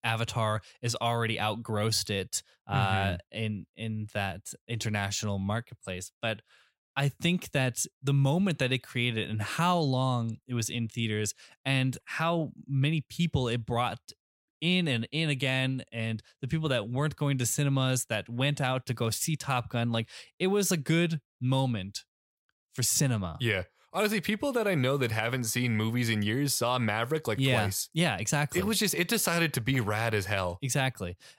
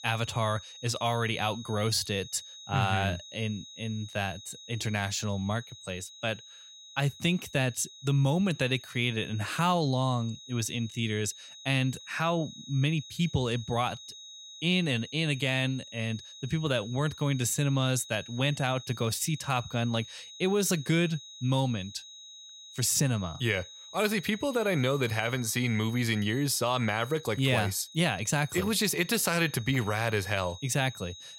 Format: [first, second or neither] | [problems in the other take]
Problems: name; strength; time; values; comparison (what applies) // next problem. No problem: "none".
first | high-pitched whine; noticeable; throughout; 4 kHz, 15 dB below the speech